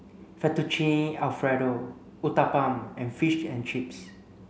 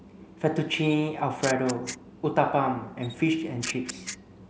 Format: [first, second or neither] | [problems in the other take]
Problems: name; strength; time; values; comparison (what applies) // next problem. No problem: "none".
first | background sound (Camera); 13 dB below the speech